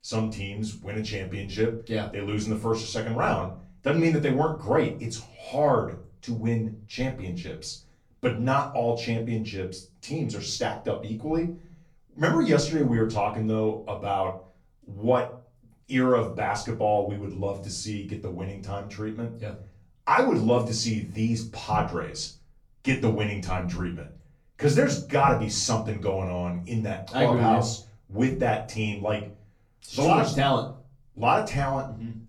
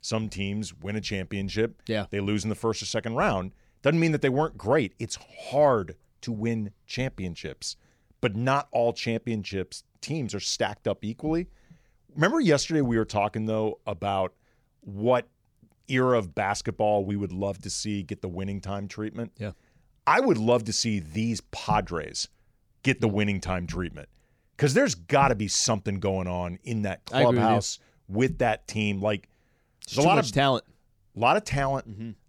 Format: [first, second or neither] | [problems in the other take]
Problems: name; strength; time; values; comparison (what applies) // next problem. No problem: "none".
second | room echo; slight; dies away in 0.4 s // off-mic speech; far